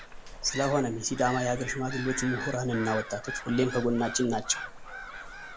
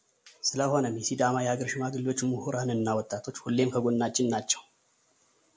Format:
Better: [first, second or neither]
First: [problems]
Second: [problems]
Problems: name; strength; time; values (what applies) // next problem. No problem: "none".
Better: second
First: background sound (Gull, seagull / Bird vocalization, bird call, bird song); 9 dB below the speech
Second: none